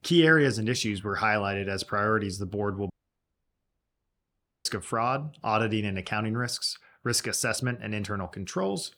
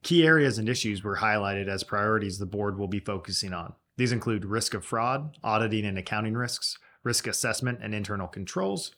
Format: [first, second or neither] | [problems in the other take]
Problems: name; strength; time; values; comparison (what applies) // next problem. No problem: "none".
second | audio cutting out; at 3 s for 2 s